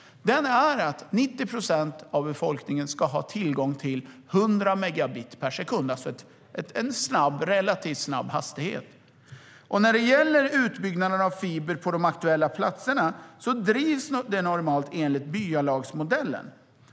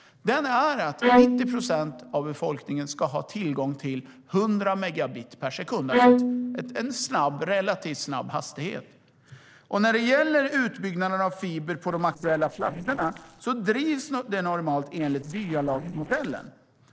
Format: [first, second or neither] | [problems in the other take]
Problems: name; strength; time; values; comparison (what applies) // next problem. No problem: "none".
first | noise reduction (neural separator model SepFormer DNS4)